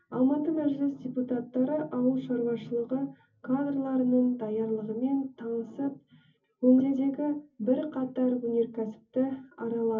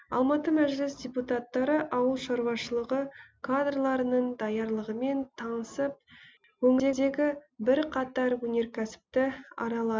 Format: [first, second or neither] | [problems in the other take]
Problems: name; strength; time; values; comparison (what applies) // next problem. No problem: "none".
second | room echo; dies away in 0.3 s